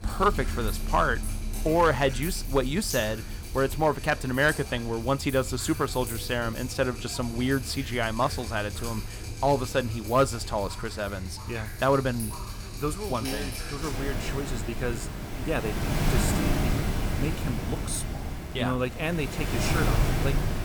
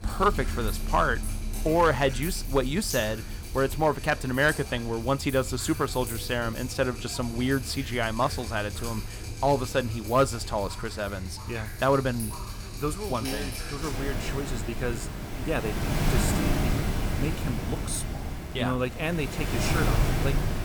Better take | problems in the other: neither | rain or running water; loud; throughout; 4 dB below the speech; the same in both

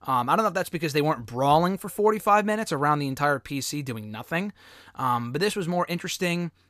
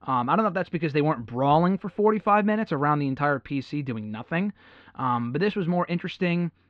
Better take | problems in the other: first | muffled; slightly; fading above 3.5 kHz

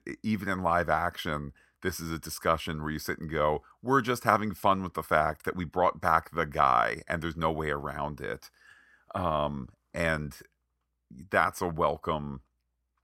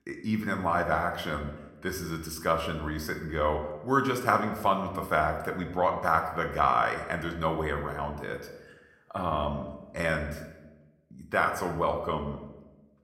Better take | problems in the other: first | room echo; slight; dies away in 0.8 s

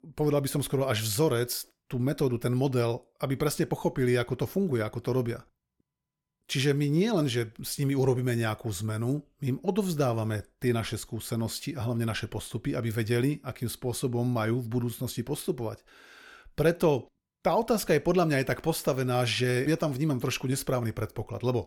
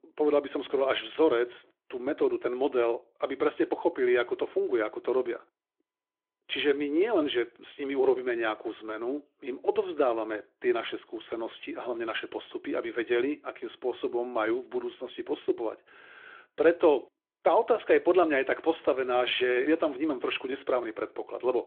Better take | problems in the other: first | phone-call audio; nothing above 3.5 kHz

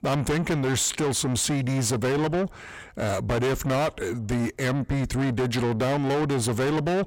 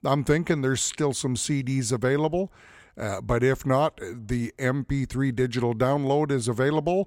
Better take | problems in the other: second | distortion; heavy; 6 dB below the speech

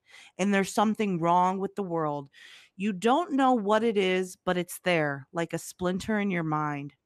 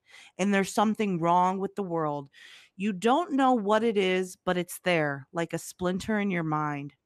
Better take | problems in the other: neither | none

